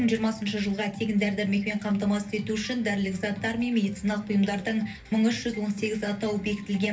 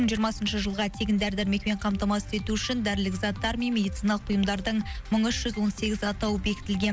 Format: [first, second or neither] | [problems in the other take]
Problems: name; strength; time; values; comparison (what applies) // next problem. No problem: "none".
second | room echo; dies away in 0.3 s